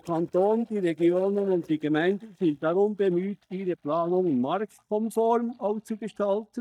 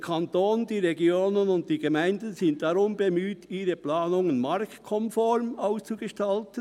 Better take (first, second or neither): second